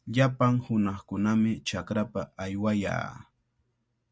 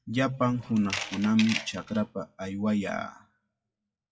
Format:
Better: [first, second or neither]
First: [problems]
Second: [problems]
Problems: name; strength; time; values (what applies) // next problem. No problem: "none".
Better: first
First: none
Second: noise reduction (classical method WPE with log-MMSE)